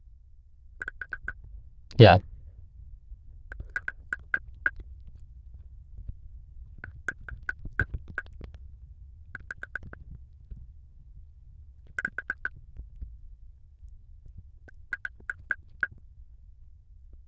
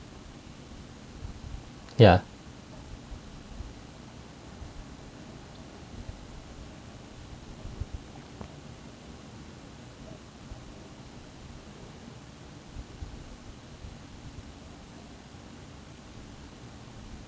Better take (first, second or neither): second